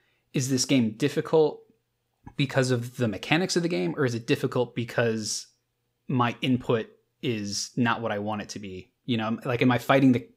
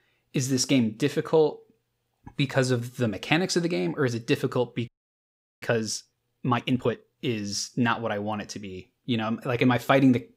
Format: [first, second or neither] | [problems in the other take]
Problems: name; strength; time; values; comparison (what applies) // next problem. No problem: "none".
first | audio freezing; at 5 s for 0.5 s